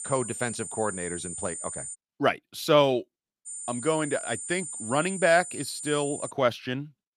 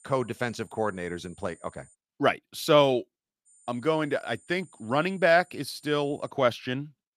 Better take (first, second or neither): second